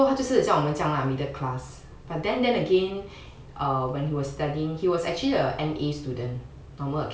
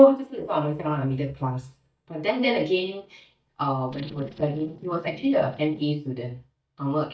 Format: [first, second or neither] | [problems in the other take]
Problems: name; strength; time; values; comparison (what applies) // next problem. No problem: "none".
first | noise reduction (neural mask model DeepFilterNet 3)